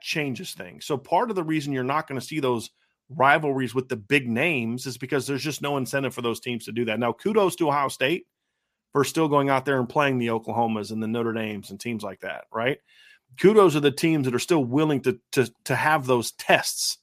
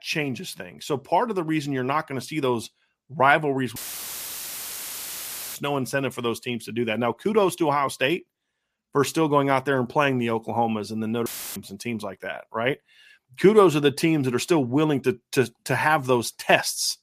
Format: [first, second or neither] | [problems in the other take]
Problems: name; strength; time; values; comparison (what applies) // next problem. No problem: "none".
first | audio cutting out; filled with static; at 4 s for 2 s and at 11 s